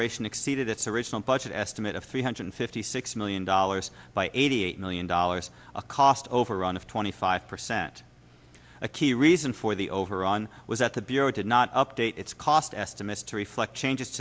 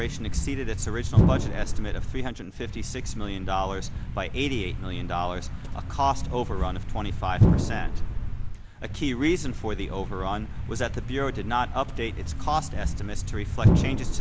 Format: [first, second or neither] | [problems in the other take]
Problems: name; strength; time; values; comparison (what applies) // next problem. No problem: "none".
first | background sound (Thump, thud); 5 dB above the speech